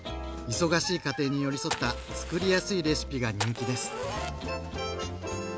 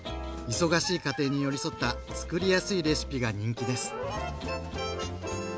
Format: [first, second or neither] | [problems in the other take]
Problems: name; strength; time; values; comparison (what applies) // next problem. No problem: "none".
second | background sound (Fire); 11 dB below the speech